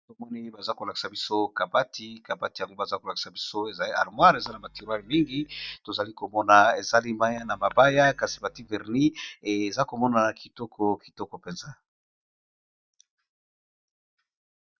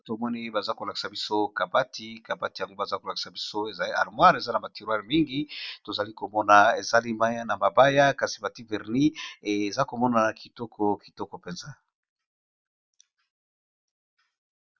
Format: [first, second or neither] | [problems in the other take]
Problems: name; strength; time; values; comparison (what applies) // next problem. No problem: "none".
second | noise reduction (neural mask model DeepFilterNet 3)